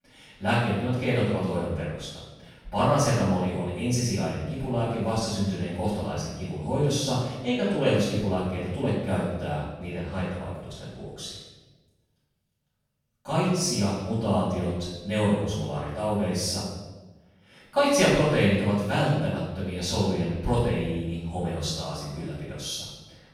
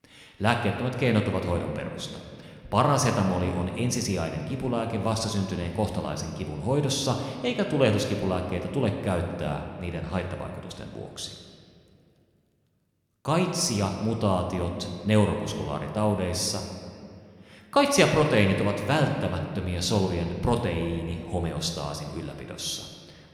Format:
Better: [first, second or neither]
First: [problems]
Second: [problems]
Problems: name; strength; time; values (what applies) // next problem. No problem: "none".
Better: second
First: room echo; strong; dies away in 1 s // off-mic speech; far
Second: room echo; slight; dies away in 1.8 s